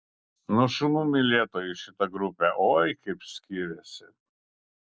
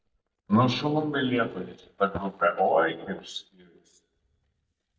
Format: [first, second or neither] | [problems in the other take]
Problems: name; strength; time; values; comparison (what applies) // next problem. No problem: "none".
first | noise reduction (neural mask model DeepFilterNet 3)